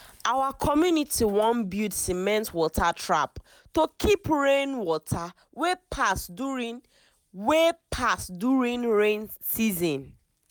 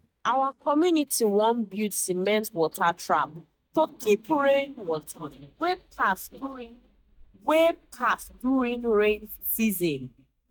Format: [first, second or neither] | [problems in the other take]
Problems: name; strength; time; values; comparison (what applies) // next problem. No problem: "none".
first | noise reduction (neural mask model DeepFilterNet 3)